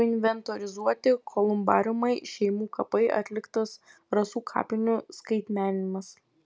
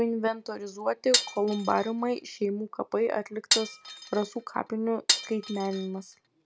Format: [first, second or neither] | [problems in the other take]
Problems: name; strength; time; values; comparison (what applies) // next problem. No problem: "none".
first | background sound (Glass); 2 dB below the speech